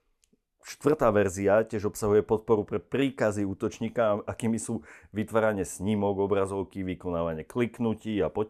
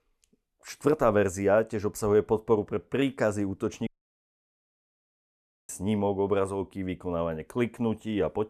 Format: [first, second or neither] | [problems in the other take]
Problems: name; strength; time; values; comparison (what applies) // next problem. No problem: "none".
first | audio cutting out; at 4 s for 2 s